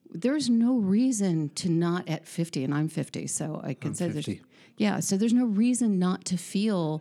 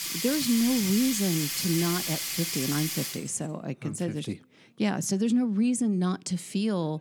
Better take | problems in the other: first | household noises; loud; until 3.5 s; 2 dB below the speech

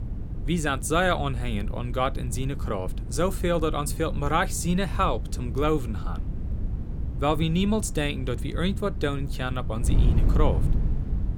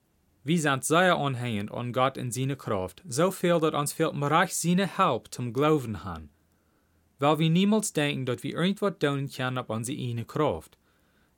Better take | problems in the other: second | wind noise on the microphone; occasional gusts; 15 dB below the speech

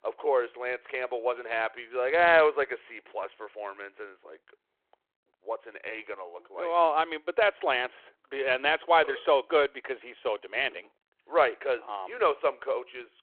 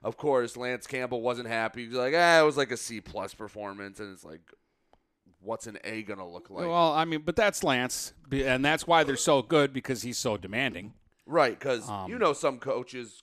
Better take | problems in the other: second | phone-call audio

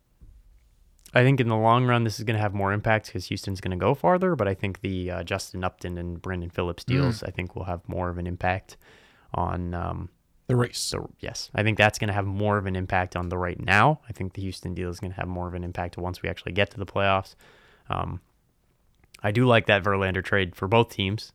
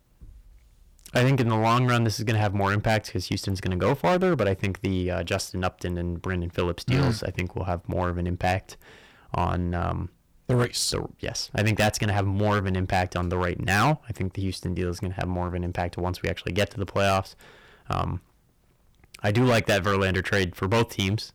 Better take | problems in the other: first | distortion; heavy; 7% of the sound clipped

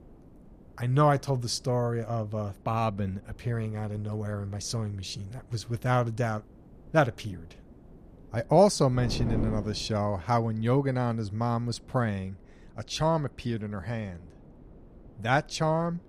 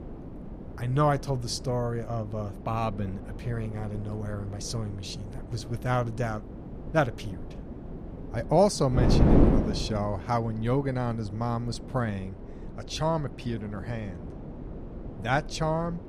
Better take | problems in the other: first | wind noise on the microphone; heavy; 9 dB below the speech; occasional gusts in the first

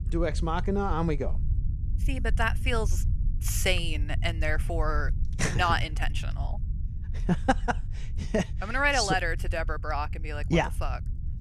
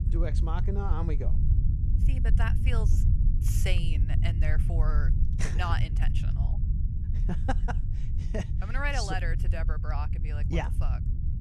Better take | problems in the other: first | low rumble; loud; throughout; 8 dB below the speech; faint in the first

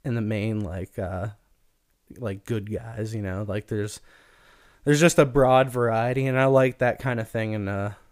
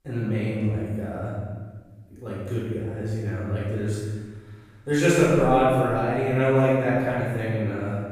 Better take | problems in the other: first | off-mic speech; far // room echo; strong; dies away in 1.3 s

